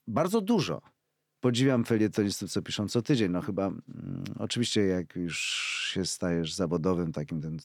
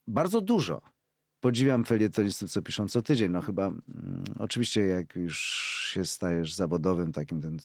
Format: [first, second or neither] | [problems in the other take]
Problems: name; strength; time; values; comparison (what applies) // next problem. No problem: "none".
first | garbled, watery; slightly